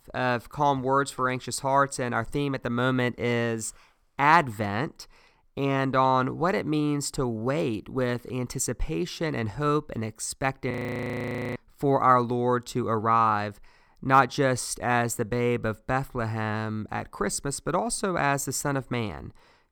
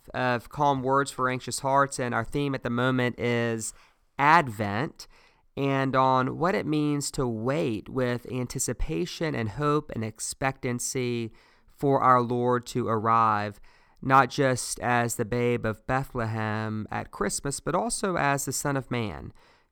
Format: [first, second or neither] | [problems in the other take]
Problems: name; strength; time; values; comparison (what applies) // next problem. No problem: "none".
second | audio freezing; at 11 s for 1 s